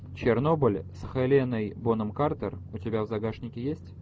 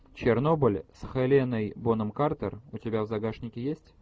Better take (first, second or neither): second